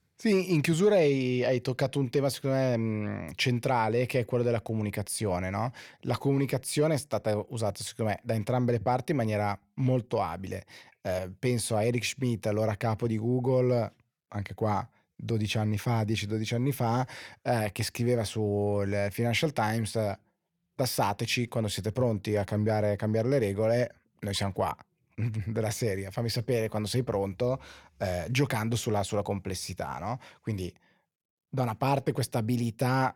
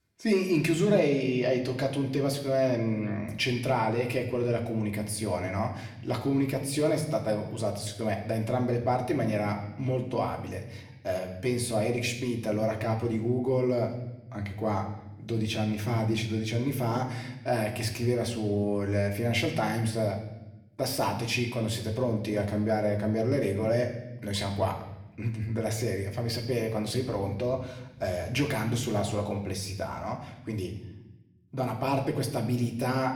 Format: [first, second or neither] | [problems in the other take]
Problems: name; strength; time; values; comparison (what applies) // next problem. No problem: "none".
first | room echo; slight; dies away in 0.9 s // off-mic speech; somewhat distant